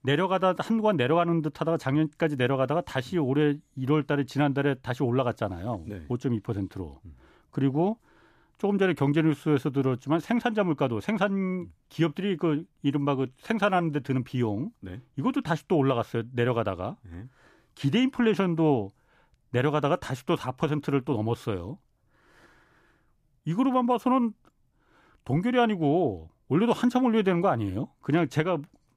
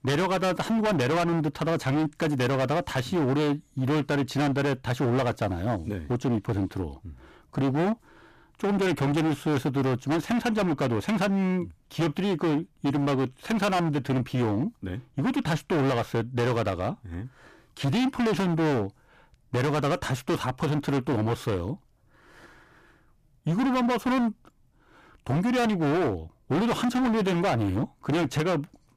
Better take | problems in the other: first | distortion; heavy; 23% of the sound clipped

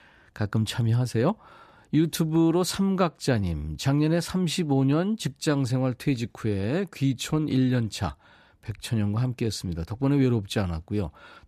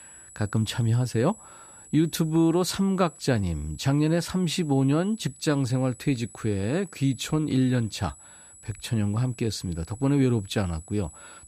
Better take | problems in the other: first | high-pitched whine; faint; throughout; 8 kHz, 20 dB below the speech

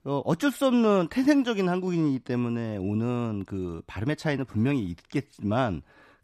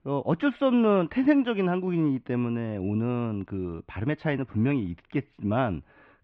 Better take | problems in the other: first | muffled; very; fading above 3 kHz

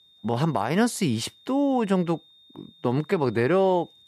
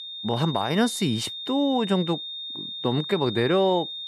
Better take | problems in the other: first | high-pitched whine; loud; throughout; 3.5 kHz, 7 dB below the speech; faint in the first

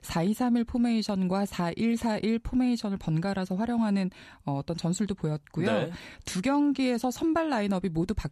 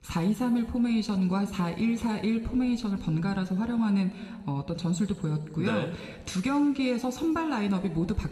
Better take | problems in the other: first | room echo; noticeable; dies away in 1.5 s

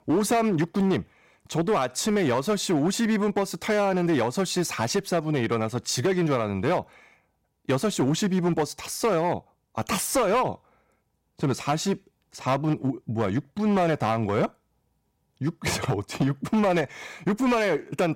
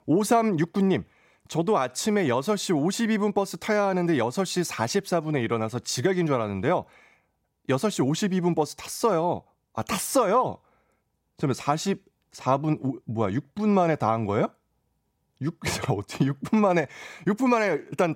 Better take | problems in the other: second | distortion; slight; 8% of the sound clipped

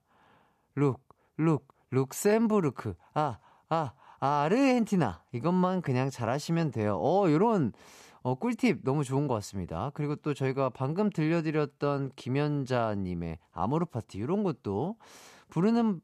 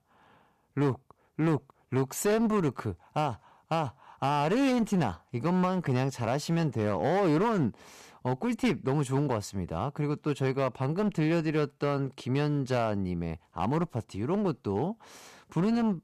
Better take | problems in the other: first | distortion; slight; 10% of the sound clipped

